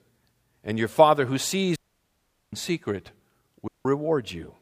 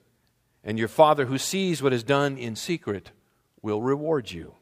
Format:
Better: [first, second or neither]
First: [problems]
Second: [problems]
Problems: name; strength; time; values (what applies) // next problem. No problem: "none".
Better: second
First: audio cutting out; at 2 s for 1 s and at 3.5 s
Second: none